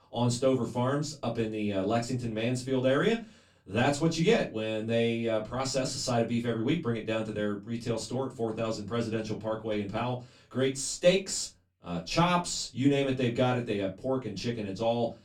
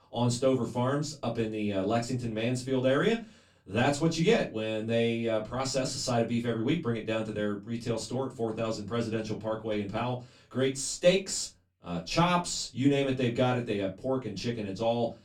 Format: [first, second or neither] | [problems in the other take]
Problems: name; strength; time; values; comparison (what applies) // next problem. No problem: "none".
neither | off-mic speech; far; the same in both // room echo; very slight; dies away in 0.2 s; the same in both